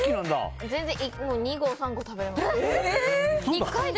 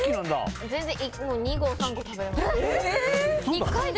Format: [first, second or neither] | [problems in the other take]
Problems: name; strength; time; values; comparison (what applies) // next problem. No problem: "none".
first | background sound (Drum kit); 8 dB below the speech